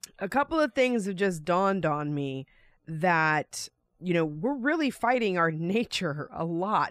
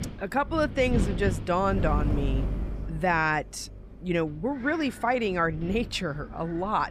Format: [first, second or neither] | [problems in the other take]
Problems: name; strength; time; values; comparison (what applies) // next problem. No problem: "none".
first | wind noise on the microphone; occasional gusts; 15 dB below the speech